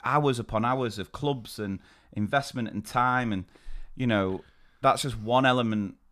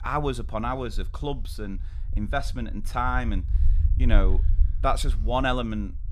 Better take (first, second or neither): first